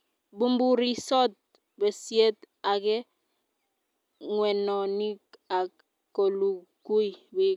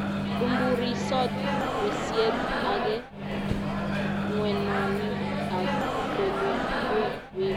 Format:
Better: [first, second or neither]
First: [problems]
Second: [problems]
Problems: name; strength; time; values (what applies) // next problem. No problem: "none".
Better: first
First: none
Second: background sound (Microwave oven); 3 dB above the speech